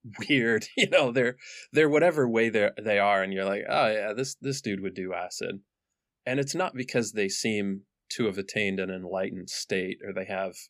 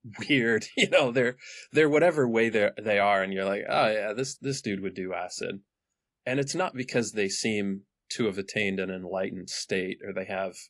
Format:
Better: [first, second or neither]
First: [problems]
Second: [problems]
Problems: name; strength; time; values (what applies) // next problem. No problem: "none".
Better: first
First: none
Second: garbled, watery; slightly; nothing above 11 kHz